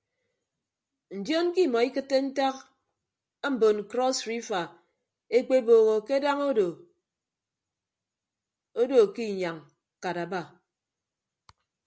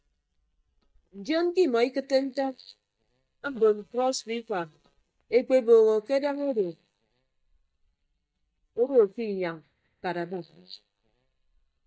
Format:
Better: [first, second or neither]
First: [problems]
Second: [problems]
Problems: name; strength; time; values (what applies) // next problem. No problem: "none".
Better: first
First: none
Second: noise reduction (neural mask model DeepFilterNet 3)